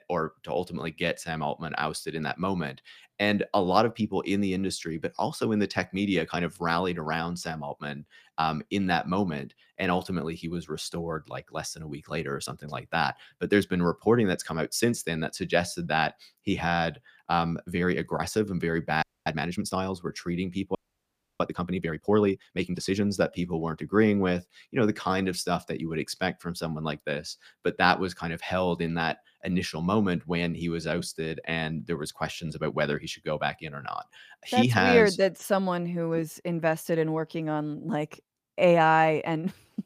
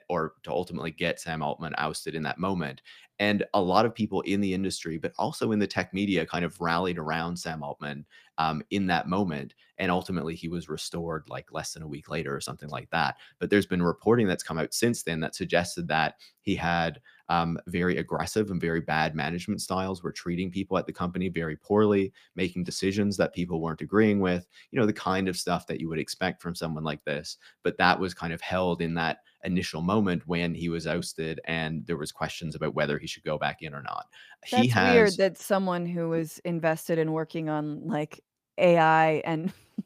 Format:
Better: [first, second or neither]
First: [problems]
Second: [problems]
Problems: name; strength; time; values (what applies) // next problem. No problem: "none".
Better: second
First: audio freezing; at 19 s and at 21 s for 0.5 s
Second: none